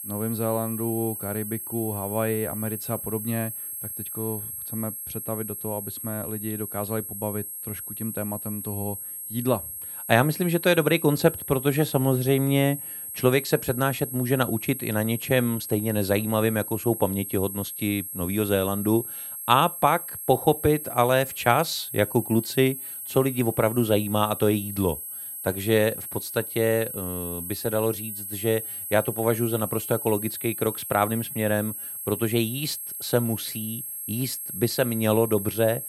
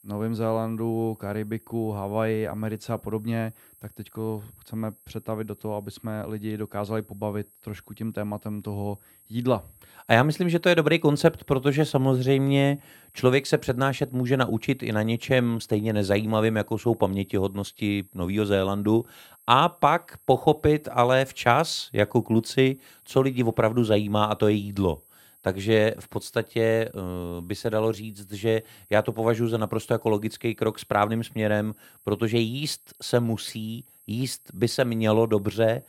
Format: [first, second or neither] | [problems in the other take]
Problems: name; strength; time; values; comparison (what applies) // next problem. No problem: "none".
second | high-pitched whine; loud; throughout; 11.5 kHz, 7 dB below the speech; faint in the second